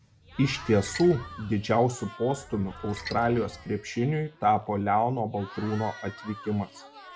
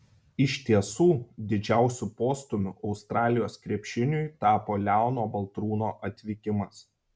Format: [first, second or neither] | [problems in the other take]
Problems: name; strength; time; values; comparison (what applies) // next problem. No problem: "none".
second | background sound (Splash, splatter + Crowd / Cheering); 16 dB below the speech